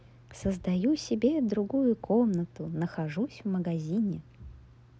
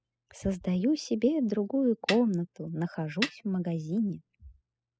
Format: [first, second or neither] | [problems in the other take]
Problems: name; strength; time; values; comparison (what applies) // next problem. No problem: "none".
first | noise reduction (classical method spectral subtraction)